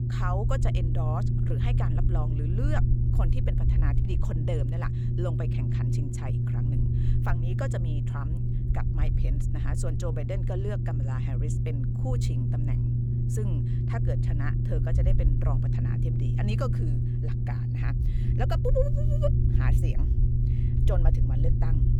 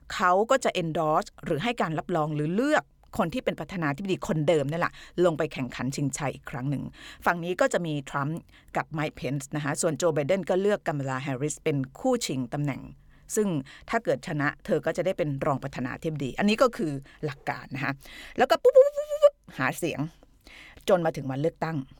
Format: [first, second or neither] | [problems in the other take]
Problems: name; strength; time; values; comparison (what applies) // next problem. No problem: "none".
second | low rumble; loud; throughout; 1 dB below the speech